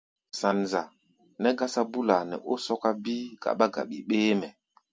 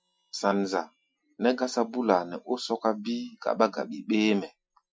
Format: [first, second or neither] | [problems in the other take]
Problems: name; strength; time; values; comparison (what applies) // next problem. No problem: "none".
first | noise reduction (classical method Wiener filter)